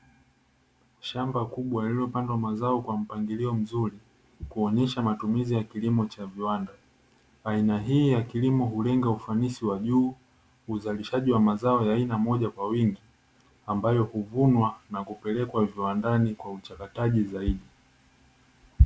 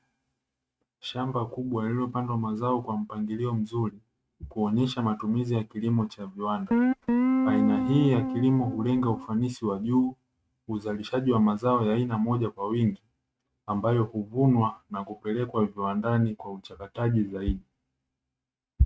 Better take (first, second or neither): first